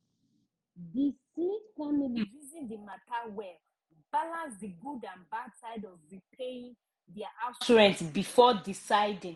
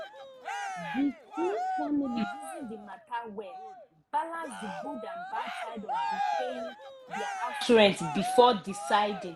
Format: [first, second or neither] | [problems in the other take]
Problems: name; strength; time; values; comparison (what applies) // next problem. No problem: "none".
first | background sound (Cheering); 6 dB below the speech